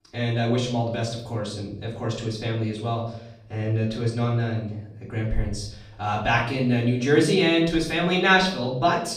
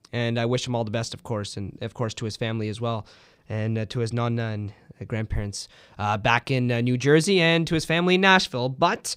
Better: second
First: off-mic speech; far // room echo; noticeable; dies away in 0.6 s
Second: none

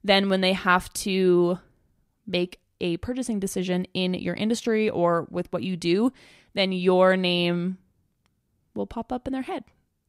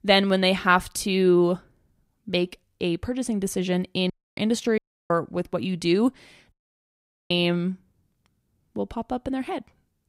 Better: first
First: none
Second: audio cutting out; at 4 s, at 5 s and at 6.5 s for 1 s

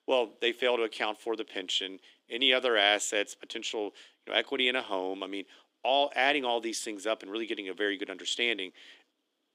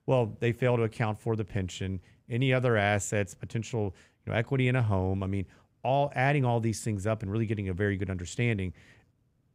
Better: second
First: thin; somewhat; fading below 300 Hz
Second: none

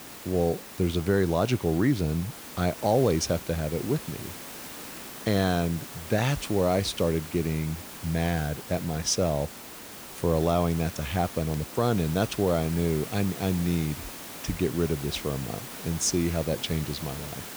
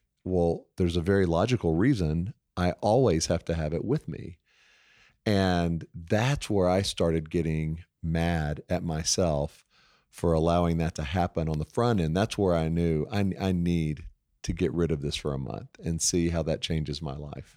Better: second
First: hiss; noticeable; throughout; 10 dB below the speech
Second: none

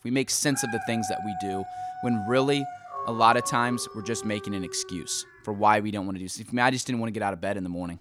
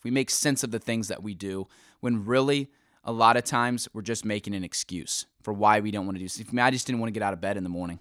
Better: second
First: dog barking; noticeable; from 0.5 to 5 s; peak 6 dB below the speech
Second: none

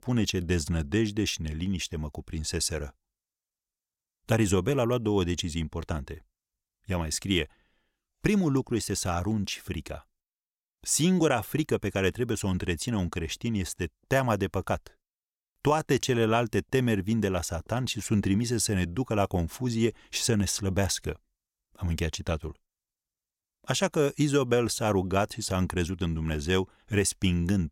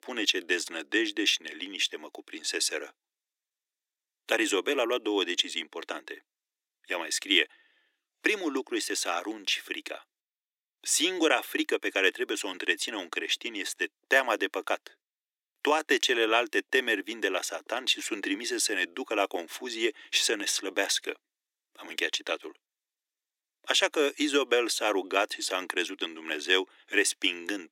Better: first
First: none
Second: thin; very; fading below 300 Hz

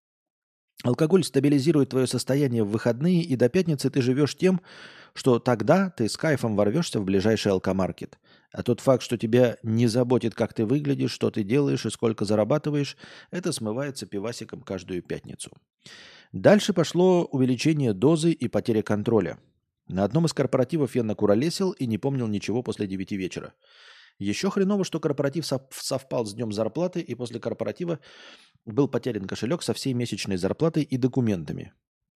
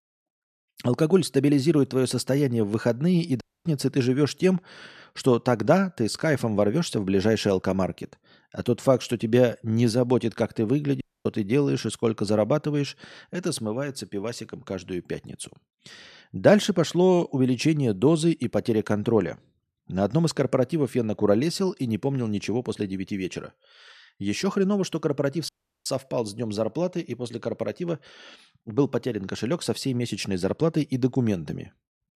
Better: first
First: none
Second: audio cutting out; at 3.5 s, at 11 s and at 25 s

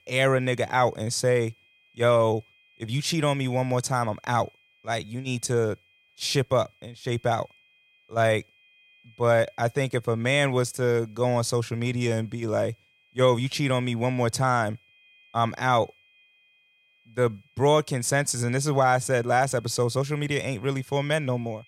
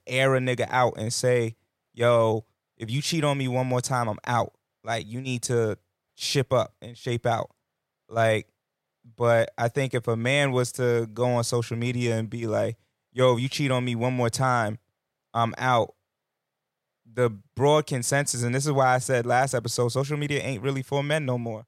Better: second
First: high-pitched whine; faint; throughout; 2.5 kHz, 30 dB below the speech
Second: none

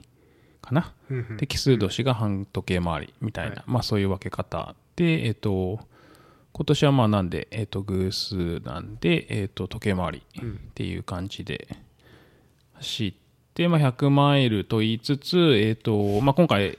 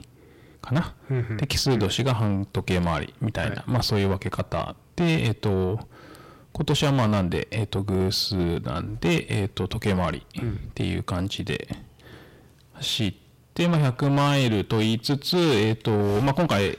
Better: first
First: none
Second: distortion; heavy; 7 dB below the speech

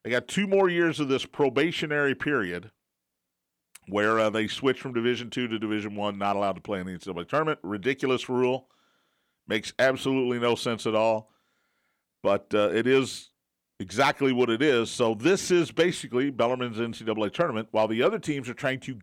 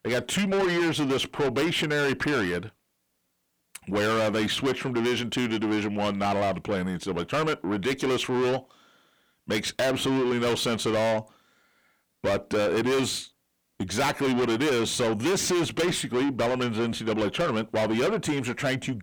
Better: first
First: none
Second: distortion; heavy; 6 dB below the speech

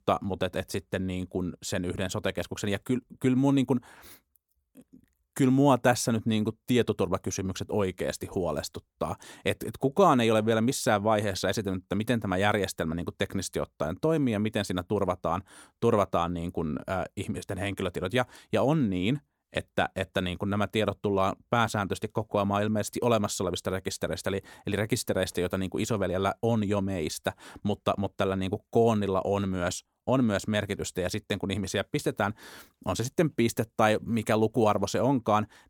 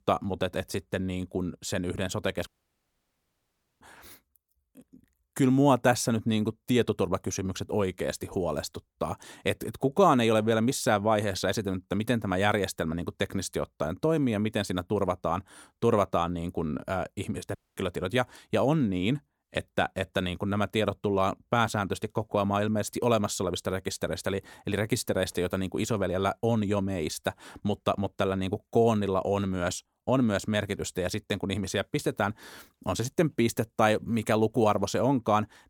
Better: first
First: none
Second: audio cutting out; at 2.5 s for 1.5 s and at 18 s

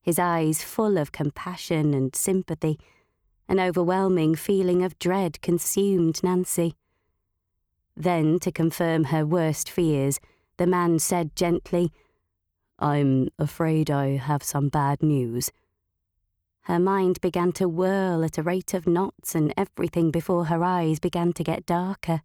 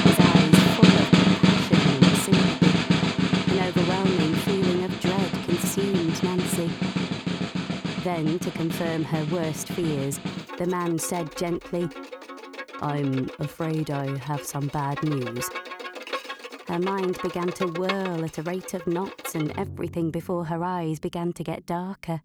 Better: first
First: none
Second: background music; very loud; throughout; 5 dB above the speech

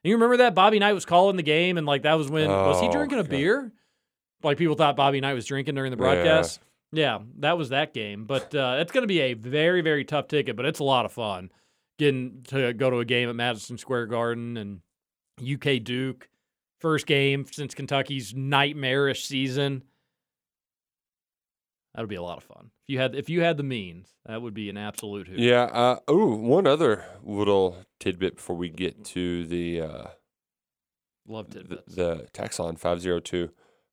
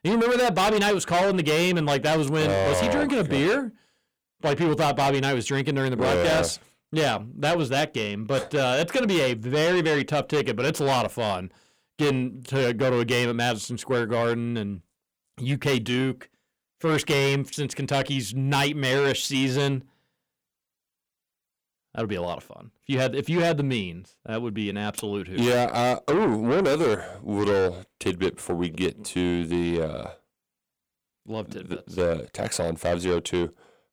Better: first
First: none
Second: distortion; heavy; 6 dB below the speech

